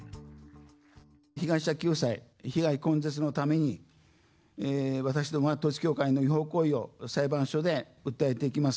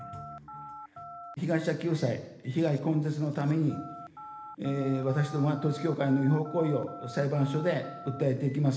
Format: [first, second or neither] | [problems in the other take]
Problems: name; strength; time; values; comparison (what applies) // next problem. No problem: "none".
first | background sound (Telephone); 16 dB below the speech // room echo; dies away in 1.1 s